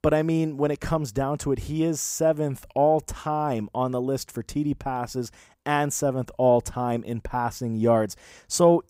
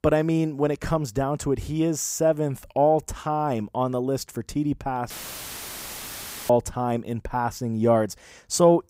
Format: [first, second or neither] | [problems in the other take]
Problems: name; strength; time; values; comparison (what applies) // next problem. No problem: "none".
first | audio cutting out; filled with static; at 5 s for 1.5 s